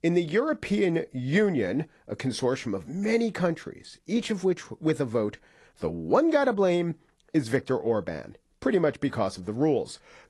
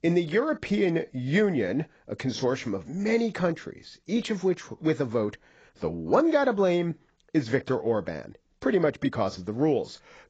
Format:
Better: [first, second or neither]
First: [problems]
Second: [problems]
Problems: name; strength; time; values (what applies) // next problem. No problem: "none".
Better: first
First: garbled, watery; slightly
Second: garbled, watery; badly; nothing above 7.5 kHz